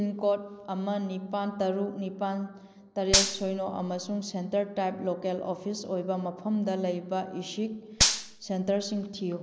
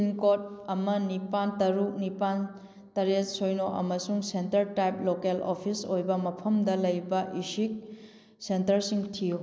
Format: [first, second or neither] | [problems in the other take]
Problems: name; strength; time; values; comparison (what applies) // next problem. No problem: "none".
second | background sound (Gunshot, gunfire); 2 dB above the speech